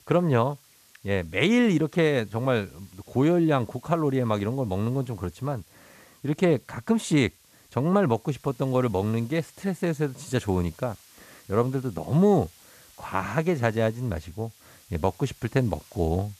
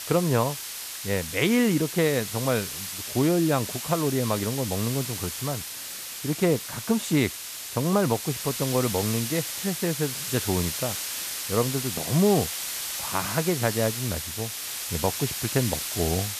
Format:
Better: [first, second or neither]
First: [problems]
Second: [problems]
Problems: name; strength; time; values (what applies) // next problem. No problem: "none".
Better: first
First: hiss; faint; throughout; 25 dB below the speech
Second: hiss; loud; throughout; 4 dB below the speech